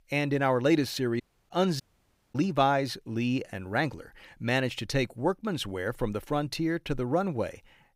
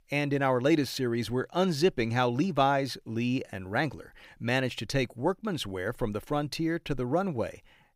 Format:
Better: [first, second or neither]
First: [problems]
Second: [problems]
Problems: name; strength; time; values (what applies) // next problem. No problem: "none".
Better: second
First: audio cutting out; at 1 s and at 2 s for 0.5 s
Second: none